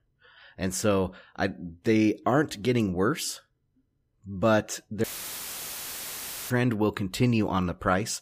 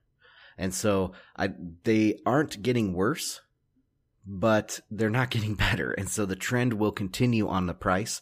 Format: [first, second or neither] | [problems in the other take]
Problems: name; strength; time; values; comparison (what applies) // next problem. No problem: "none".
second | audio cutting out; filled with static; at 5 s for 1.5 s